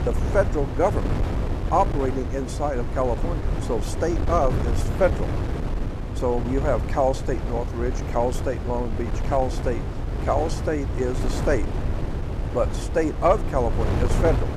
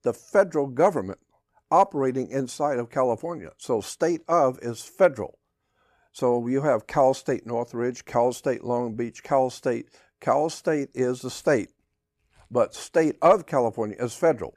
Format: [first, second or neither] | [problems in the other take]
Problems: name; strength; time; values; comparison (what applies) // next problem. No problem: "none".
second | wind noise on the microphone; heavy; 9 dB below the speech